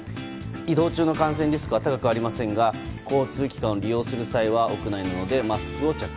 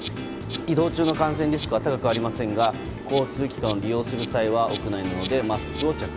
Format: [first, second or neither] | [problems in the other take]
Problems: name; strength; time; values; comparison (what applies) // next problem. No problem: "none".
first | background sound (Insect); 12 dB below the speech